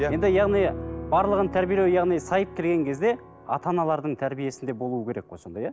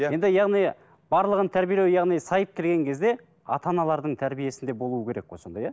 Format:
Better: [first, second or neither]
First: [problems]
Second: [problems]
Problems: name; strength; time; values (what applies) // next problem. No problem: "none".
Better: second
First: background sound (Piano); 13 dB below the speech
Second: none